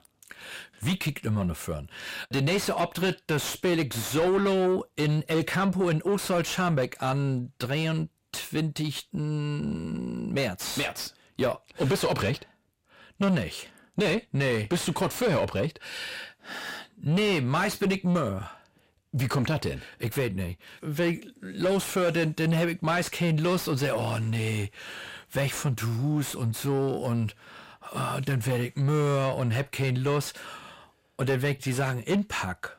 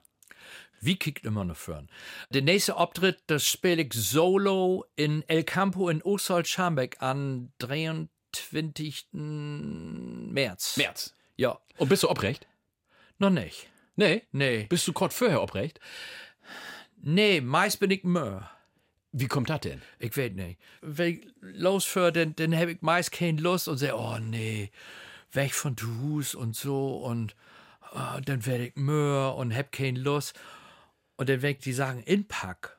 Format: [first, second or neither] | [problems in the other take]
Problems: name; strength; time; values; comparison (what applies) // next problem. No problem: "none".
second | distortion; heavy; 7 dB below the speech